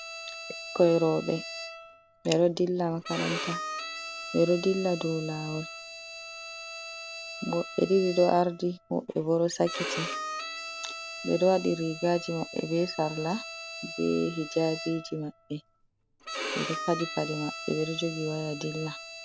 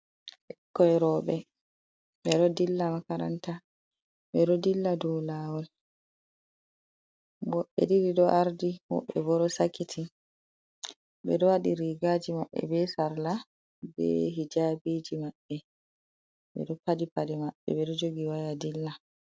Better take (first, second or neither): second